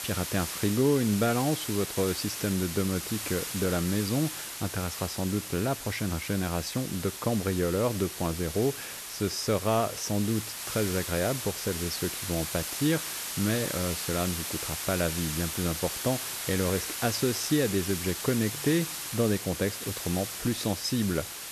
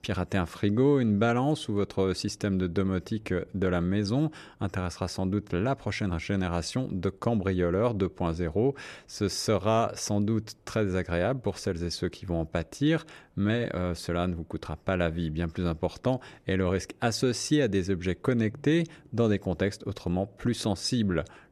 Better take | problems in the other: second | hiss; loud; throughout; 4 dB below the speech

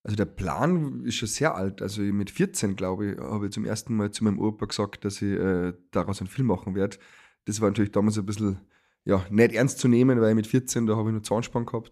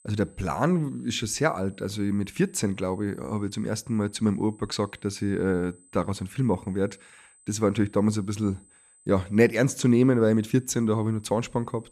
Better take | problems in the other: first | high-pitched whine; faint; throughout; 8 kHz, 30 dB below the speech

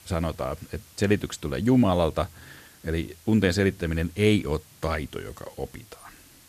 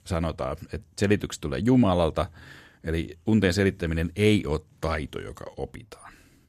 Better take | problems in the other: second | hiss; faint; throughout; 25 dB below the speech

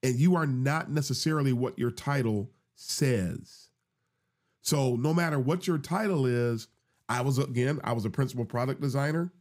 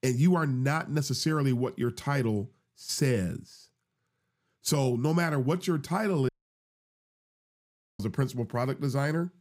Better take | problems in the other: first | audio cutting out; at 6.5 s for 1.5 s

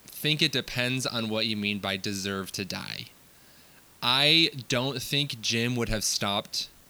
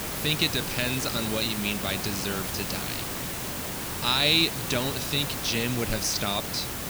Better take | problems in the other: first | hiss; loud; throughout; 4 dB below the speech; faint in the first

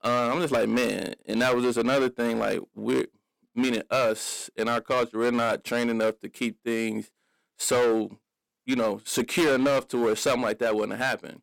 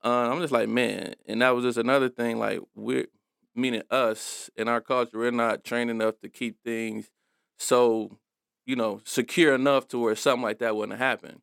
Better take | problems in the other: second | distortion; heavy; 9% of the sound clipped

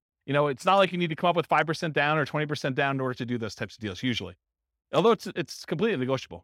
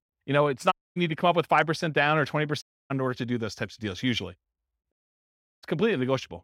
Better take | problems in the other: first | audio cutting out; at 0.5 s, at 2.5 s and at 5 s for 0.5 s

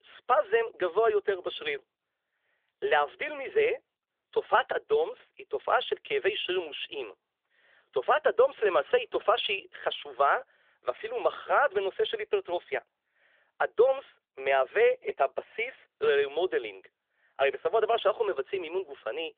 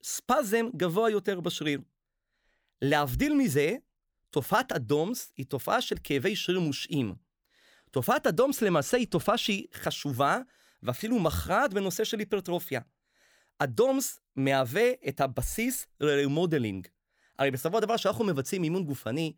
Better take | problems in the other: second | phone-call audio; nothing above 3.5 kHz

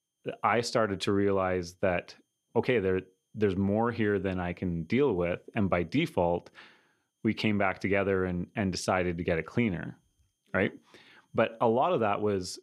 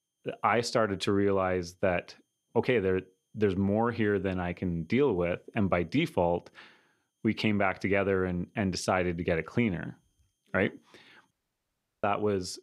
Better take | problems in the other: first | audio cutting out; at 11 s for 0.5 s

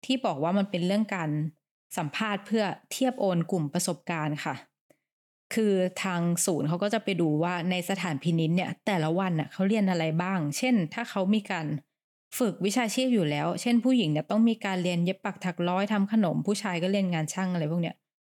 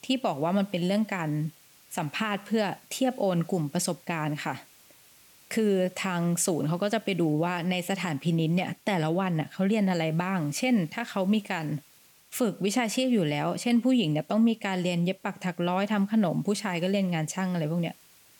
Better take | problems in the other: first | hiss; faint; throughout; 25 dB below the speech

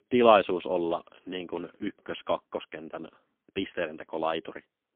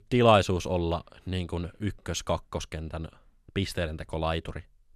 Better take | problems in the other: second | phone-call audio; poor line; nothing above 3.5 kHz

